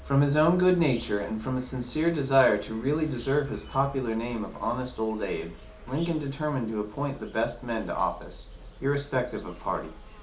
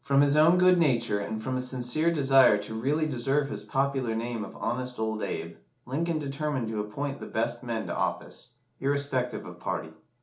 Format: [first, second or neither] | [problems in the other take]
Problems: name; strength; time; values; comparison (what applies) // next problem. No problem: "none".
second | background sound (Insect); 17 dB below the speech